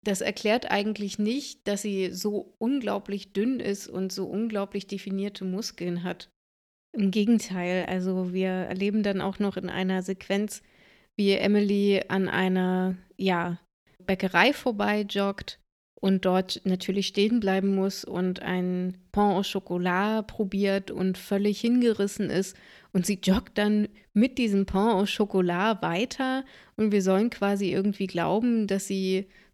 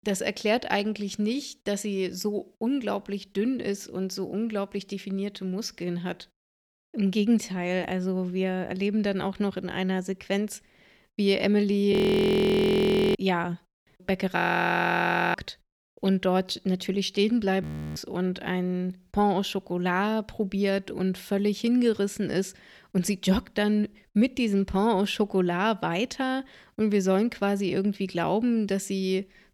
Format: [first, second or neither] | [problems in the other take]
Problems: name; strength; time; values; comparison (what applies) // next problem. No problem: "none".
first | audio freezing; at 12 s for 1 s, at 14 s for 1 s and at 18 s